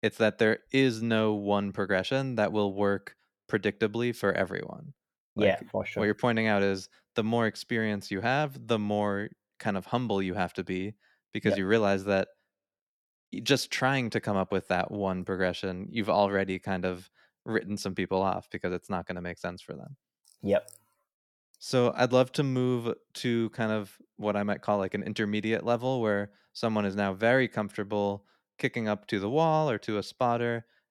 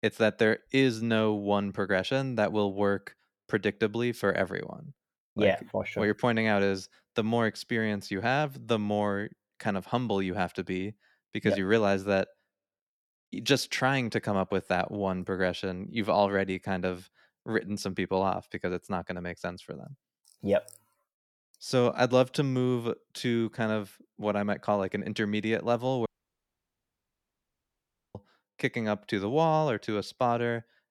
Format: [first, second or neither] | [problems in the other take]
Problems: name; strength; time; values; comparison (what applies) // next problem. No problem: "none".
first | audio cutting out; at 26 s for 2 s